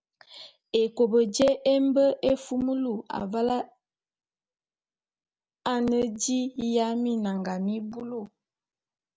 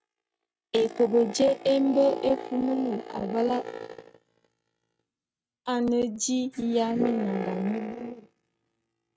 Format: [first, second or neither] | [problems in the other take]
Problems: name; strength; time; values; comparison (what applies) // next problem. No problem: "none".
first | noise reduction (neural mask model RNNoise)